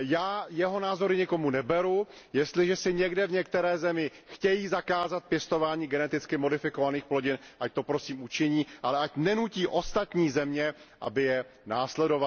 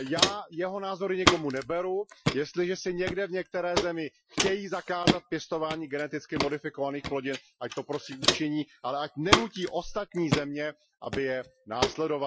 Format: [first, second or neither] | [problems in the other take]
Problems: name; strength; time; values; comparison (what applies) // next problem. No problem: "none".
first | noise reduction (classical method Wiener filter)